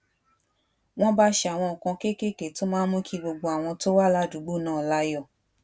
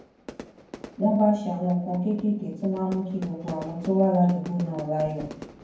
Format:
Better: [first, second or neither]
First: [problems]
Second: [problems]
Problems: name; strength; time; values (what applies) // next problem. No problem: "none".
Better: first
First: none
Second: background sound (Fire / Fireworks); 17 dB below the speech // room echo; dies away in 0.9 s